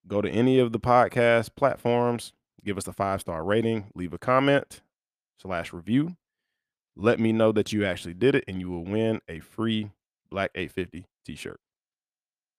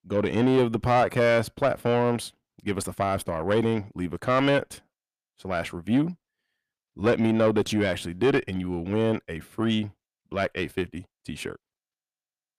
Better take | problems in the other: first | distortion; slight; 9 dB below the speech

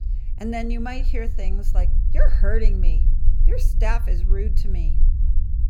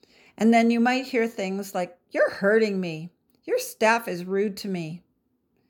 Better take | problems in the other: second | low rumble; noticeable; throughout; 15 dB below the speech

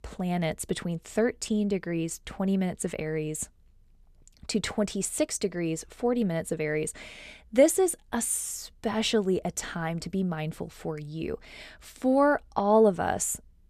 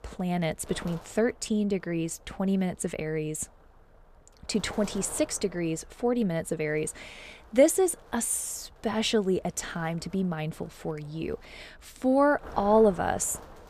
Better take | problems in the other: first | wind noise on the microphone; occasional gusts; 20 dB below the speech

